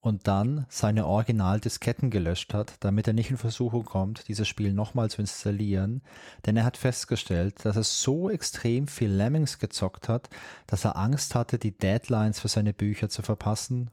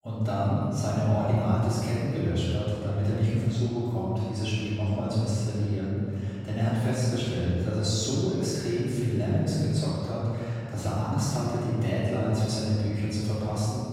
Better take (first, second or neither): first